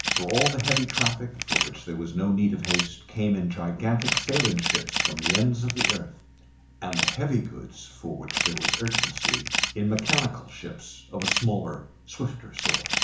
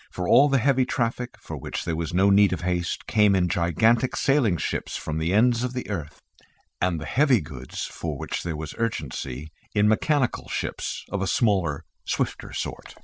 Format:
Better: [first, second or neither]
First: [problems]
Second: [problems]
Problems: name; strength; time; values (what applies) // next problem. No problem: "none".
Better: second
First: background sound (Camera); as loud as the speech // room echo; dies away in 0.7 s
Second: none